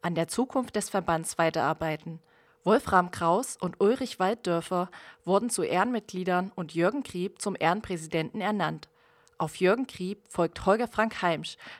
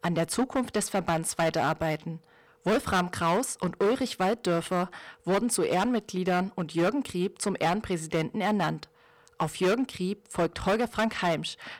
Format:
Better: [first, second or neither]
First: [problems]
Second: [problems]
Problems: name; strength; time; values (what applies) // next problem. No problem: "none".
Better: first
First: none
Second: distortion; heavy; 9% of the sound clipped